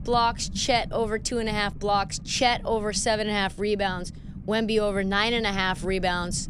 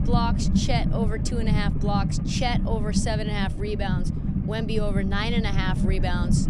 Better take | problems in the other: first | low rumble; loud; throughout; 6 dB below the speech; faint in the first

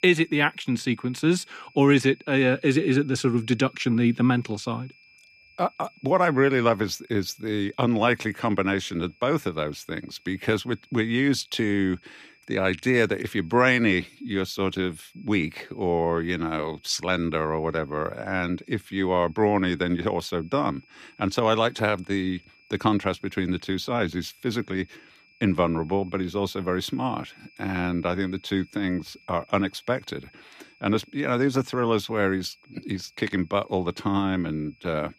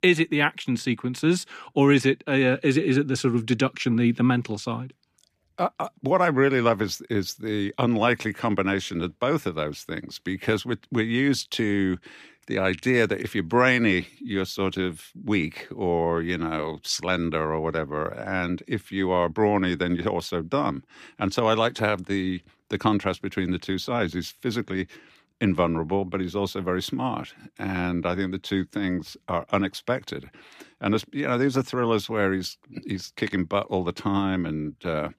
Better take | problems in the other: second | high-pitched whine; faint; throughout; 2.5 kHz, 30 dB below the speech

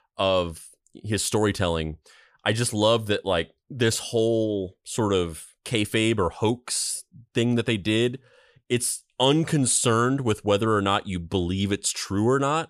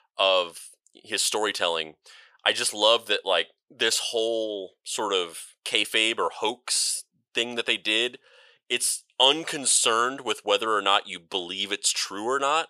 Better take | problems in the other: first | thin; very; fading below 650 Hz

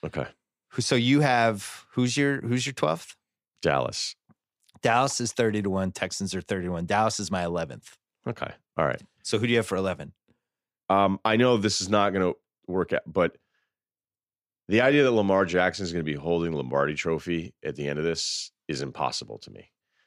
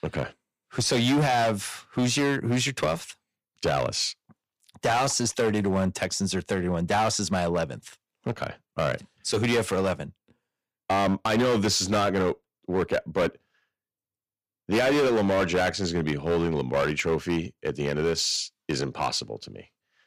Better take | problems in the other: first | distortion; heavy; 9% of the sound clipped

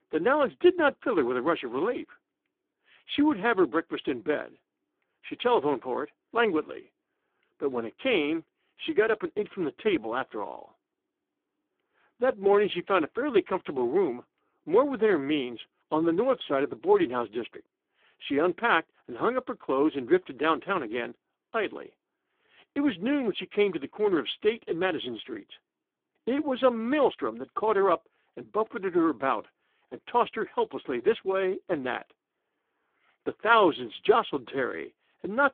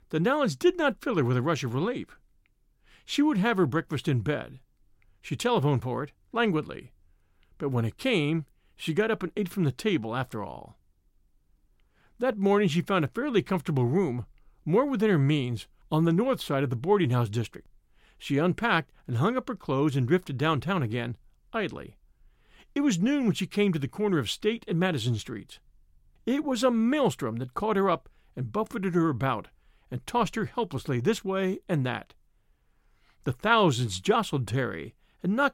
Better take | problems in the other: second | phone-call audio; poor line; nothing above 3.5 kHz

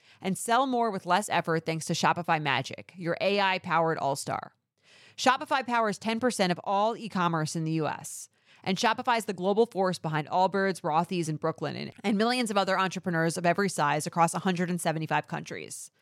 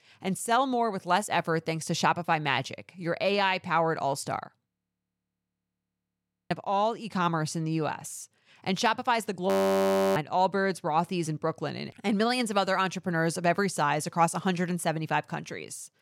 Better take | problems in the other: first | audio freezing; at 4.5 s for 2 s and at 9.5 s for 0.5 s

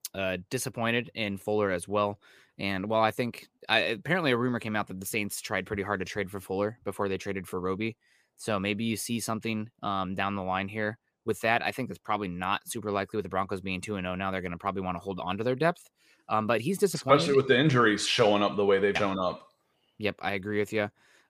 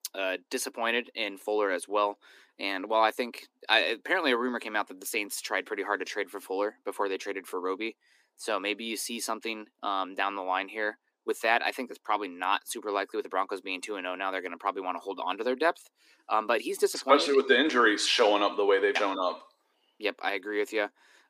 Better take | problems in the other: first | thin; somewhat; fading below 250 Hz

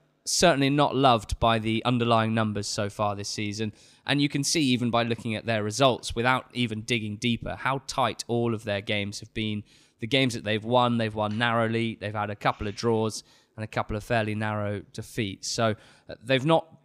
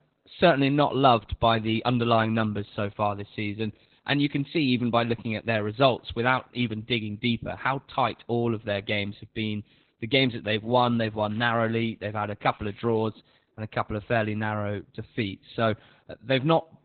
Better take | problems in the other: first | garbled, watery; badly; nothing above 4 kHz

